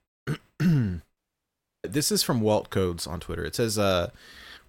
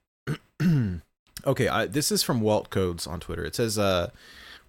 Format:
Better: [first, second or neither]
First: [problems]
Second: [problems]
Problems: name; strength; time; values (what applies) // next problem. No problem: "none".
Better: second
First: audio cutting out; at 1 s for 0.5 s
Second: none